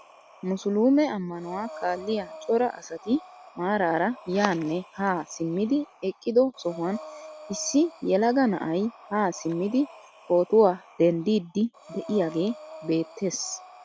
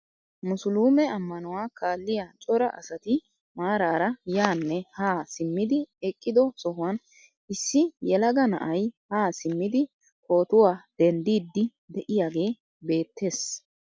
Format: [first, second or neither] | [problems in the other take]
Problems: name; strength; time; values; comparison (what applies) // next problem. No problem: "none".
second | background sound (Breathing); 20 dB below the speech